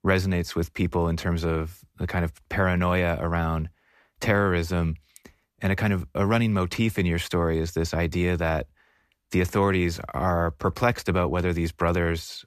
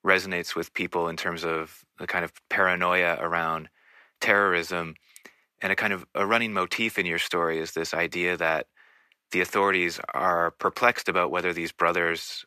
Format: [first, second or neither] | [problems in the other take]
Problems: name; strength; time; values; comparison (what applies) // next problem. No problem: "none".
first | thin; very; fading below 350 Hz